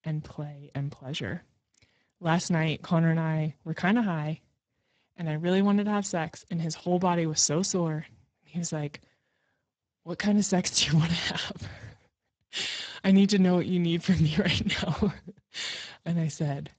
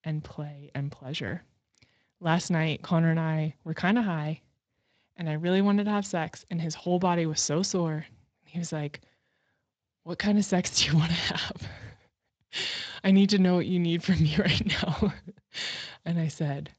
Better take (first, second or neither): second